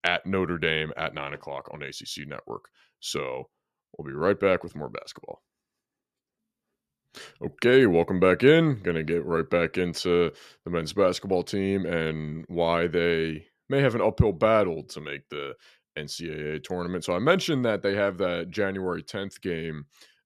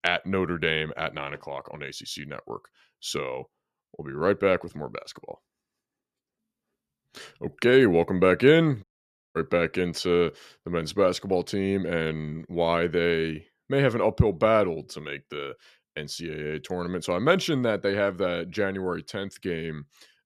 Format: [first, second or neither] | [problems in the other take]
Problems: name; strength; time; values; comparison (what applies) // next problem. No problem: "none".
first | audio cutting out; at 9 s for 0.5 s